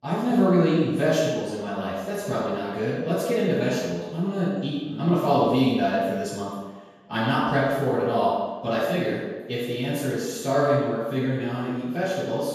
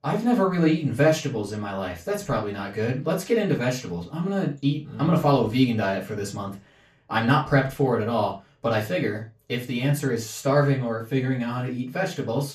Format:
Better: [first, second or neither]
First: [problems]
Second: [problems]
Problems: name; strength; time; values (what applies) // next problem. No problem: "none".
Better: second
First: room echo; strong; dies away in 1.2 s // off-mic speech; far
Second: room echo; slight; dies away in 0.2 s // off-mic speech; far